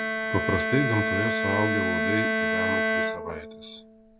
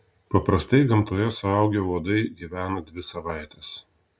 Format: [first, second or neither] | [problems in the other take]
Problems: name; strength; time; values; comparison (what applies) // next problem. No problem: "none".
second | background sound (Bowed string instrument); 3 dB above the speech